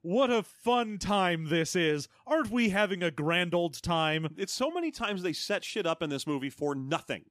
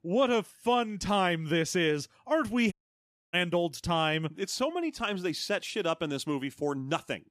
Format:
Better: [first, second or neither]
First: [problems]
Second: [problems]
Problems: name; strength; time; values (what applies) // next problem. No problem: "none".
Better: first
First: none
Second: audio cutting out; at 2.5 s for 0.5 s